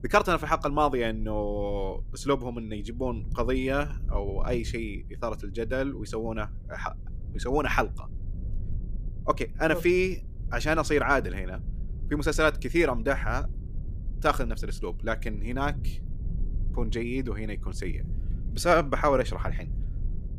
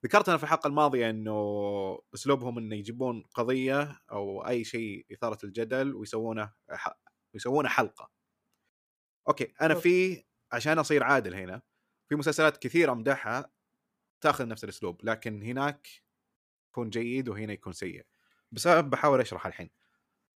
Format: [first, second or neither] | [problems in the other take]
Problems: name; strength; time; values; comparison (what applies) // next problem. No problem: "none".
second | low rumble; faint; throughout; 25 dB below the speech